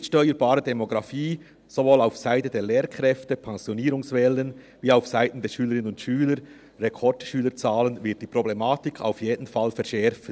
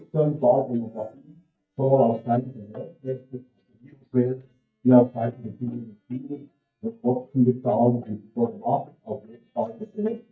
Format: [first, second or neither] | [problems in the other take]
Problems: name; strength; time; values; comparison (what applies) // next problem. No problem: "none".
first | noise reduction (neural mask model DeepFilterNet 3)